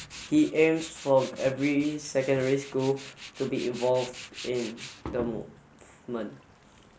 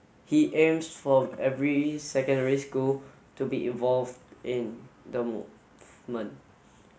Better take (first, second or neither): second